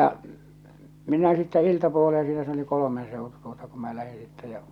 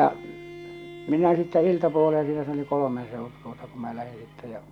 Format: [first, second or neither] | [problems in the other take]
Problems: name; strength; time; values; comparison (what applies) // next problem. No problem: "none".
first | background sound (Bowed string instrument); 20 dB below the speech